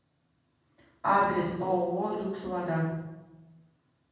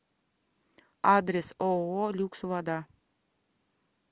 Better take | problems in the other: second | room echo; dies away in 1.2 s

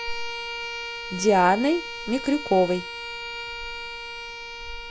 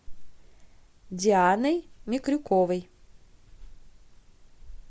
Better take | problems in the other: second | background sound (Bowed string instrument); 8 dB below the speech

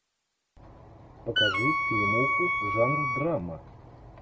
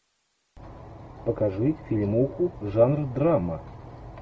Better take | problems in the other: second | background sound (Wind instrument, woodwind instrument); 5 dB above the speech

